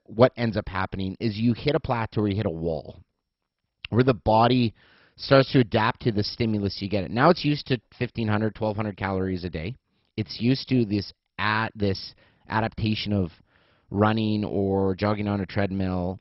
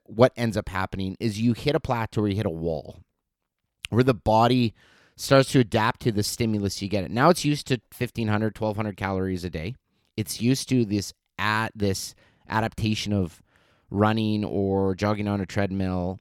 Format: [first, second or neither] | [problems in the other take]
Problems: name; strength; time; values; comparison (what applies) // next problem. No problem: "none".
second | garbled, watery; badly; nothing above 5.5 kHz